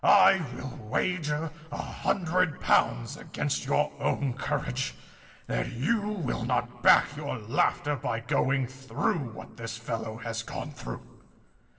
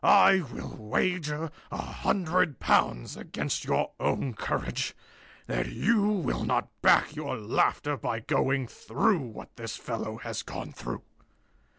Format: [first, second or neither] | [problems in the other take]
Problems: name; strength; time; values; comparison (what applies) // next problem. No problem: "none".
second | room echo; dies away in 1.3 s